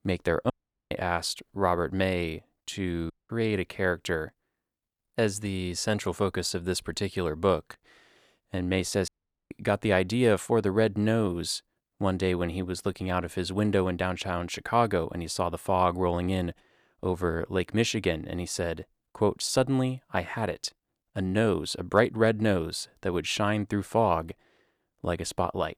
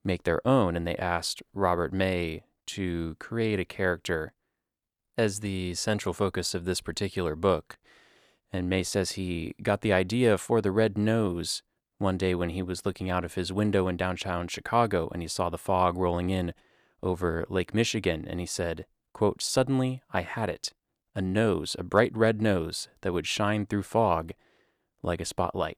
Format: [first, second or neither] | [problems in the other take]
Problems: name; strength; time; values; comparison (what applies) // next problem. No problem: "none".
second | audio cutting out; at 0.5 s, at 3 s and at 9 s